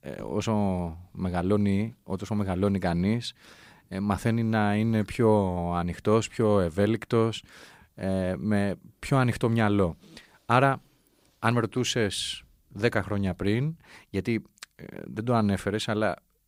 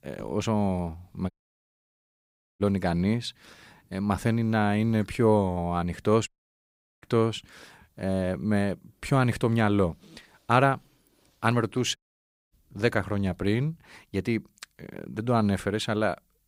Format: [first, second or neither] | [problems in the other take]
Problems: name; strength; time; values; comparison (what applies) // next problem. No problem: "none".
first | audio cutting out; at 1.5 s for 1.5 s, at 6.5 s for 0.5 s and at 12 s for 0.5 s